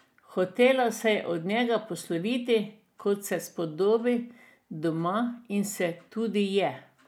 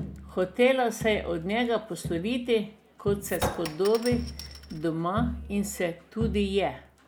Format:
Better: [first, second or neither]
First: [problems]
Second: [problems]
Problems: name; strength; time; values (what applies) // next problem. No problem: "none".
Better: first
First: none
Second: background sound (Chink, clink + Crowd); 9 dB below the speech